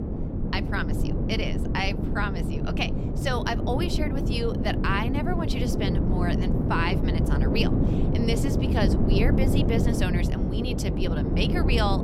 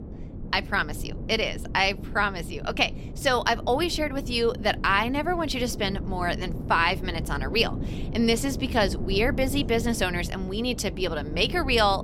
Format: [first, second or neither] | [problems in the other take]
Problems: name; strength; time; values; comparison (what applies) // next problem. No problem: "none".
second | wind noise on the microphone; heavy; 2 dB below the speech; occasional gusts in the second